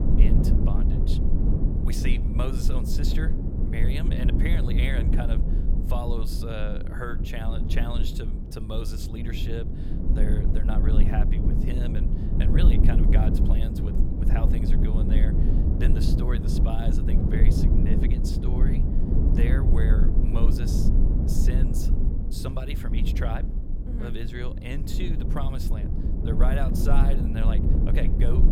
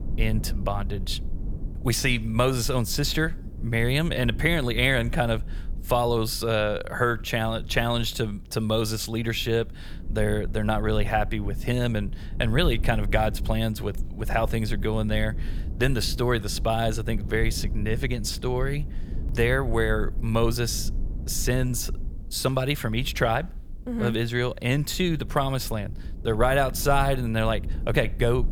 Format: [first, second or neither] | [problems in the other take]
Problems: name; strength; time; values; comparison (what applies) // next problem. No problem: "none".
second | low rumble; loud; throughout; as loud as the speech; faint in the second